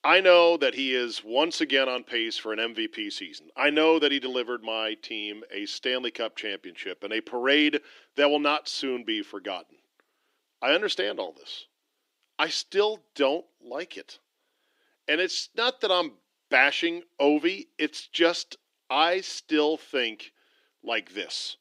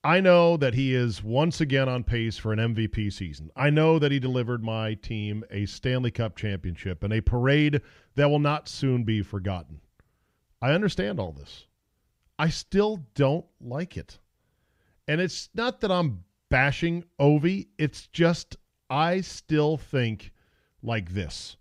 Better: second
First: thin; somewhat; fading below 300 Hz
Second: none

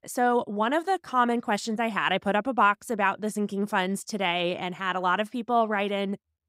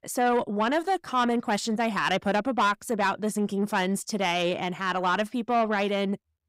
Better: first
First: none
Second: distortion; slight; 10 dB below the speech

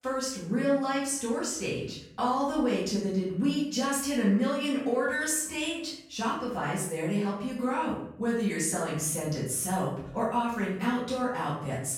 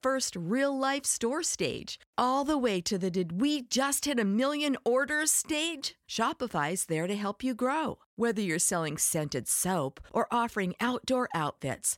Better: second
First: room echo; noticeable; dies away in 0.6 s // off-mic speech; far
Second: none

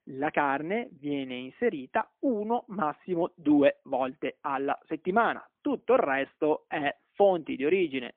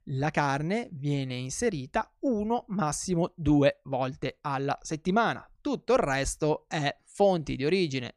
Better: second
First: phone-call audio; poor line; nothing above 3.5 kHz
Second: none

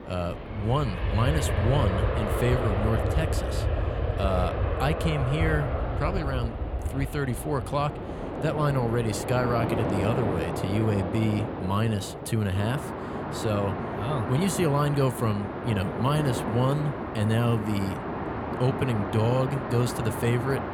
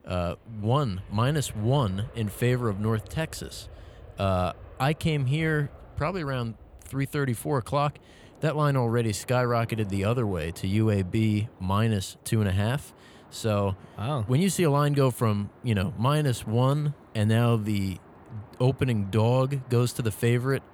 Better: second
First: train or aircraft noise; loud; throughout; 3 dB below the speech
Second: train or aircraft noise; faint; throughout; 25 dB below the speech

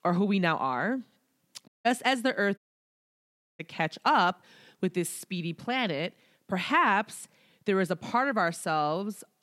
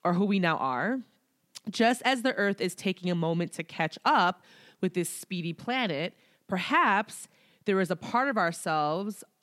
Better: second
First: audio cutting out; at 1.5 s and at 2.5 s for 1 s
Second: none

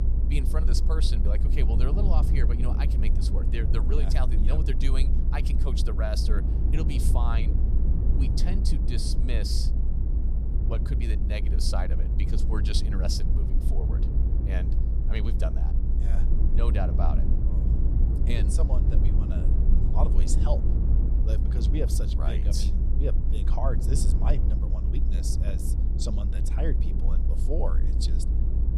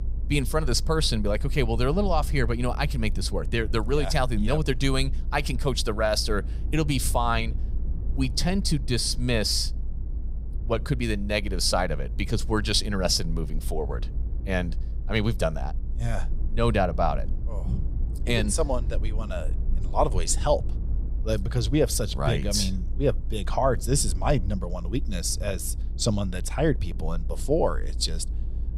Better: second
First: low rumble; loud; throughout; 4 dB below the speech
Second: low rumble; faint; throughout; 20 dB below the speech

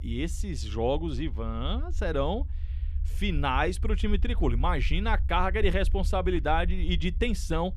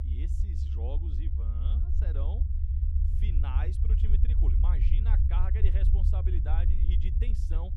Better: first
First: low rumble; faint; throughout; 20 dB below the speech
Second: low rumble; loud; throughout; as loud as the speech

